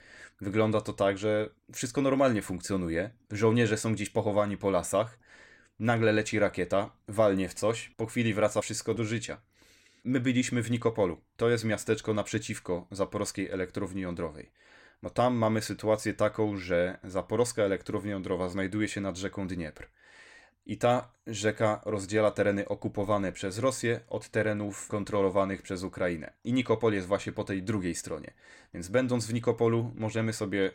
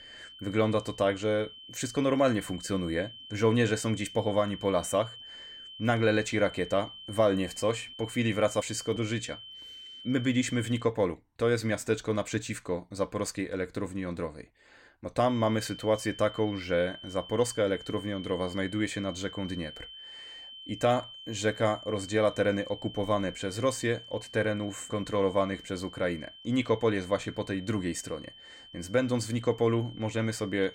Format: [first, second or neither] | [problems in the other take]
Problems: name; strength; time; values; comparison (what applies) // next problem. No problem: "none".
first | high-pitched whine; noticeable; until 11 s and from 15 s on; 3 kHz, 15 dB below the speech